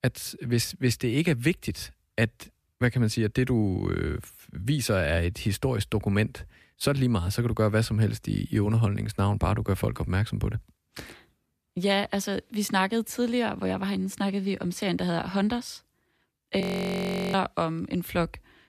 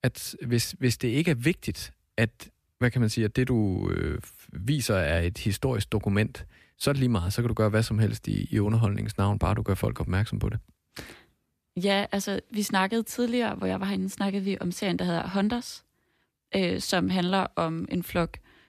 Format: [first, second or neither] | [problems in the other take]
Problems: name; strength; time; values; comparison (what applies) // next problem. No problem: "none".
second | audio freezing; at 17 s for 0.5 s